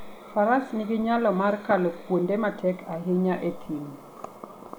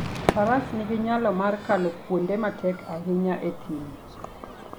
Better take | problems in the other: first | background sound (Crowd / Fireworks); 8 dB below the speech

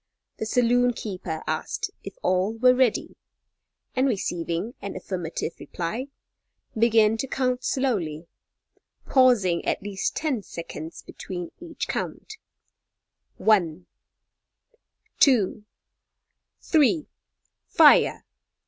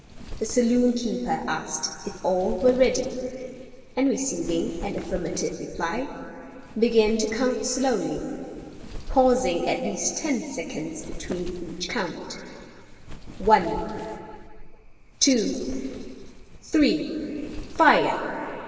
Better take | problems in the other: first | background sound (Wind); 13 dB below the speech // room echo; dies away in 2.4 s

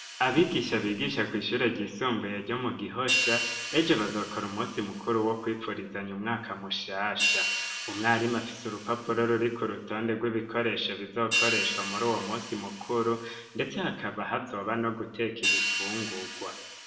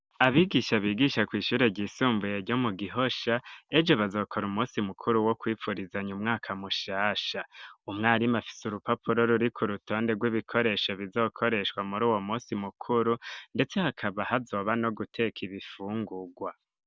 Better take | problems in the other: second | background sound (Hi-hat); 5 dB below the speech // room echo; dies away in 0.8 s

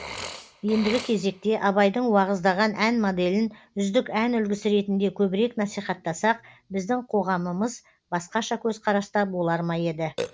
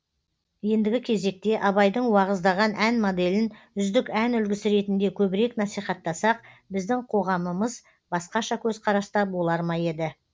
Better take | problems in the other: second | background sound (Burping, eructation); 18 dB below the speech

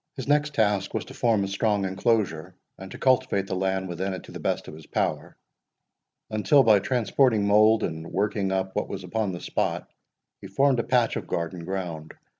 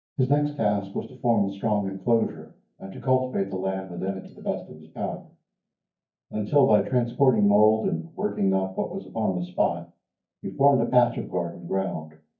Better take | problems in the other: first | noise reduction (neural mask model DeepFilterNet 3)

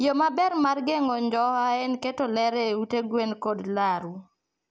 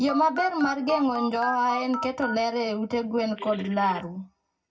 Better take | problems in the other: first | background sound (Telephone); 10 dB below the speech // room echo; dies away in 0.4 s

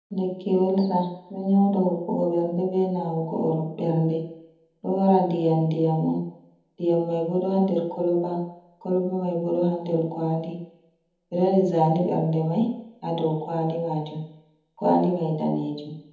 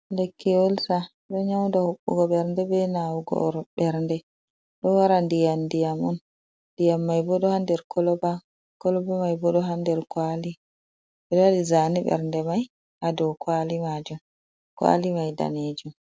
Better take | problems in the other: second | room echo; dies away in 1 s

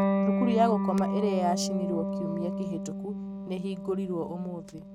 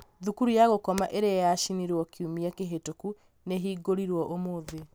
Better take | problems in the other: second | noise reduction (neural mask model RNNoise)

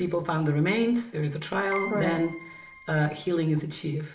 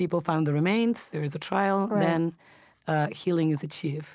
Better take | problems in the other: second | background sound (Keyboard (musical)); 15 dB below the speech // room echo; dies away in 0.5 s

